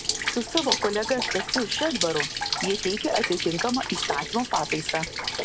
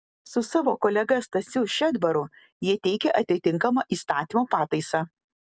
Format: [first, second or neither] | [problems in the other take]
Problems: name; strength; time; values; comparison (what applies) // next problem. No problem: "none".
second | background sound (Rain); 1 dB below the speech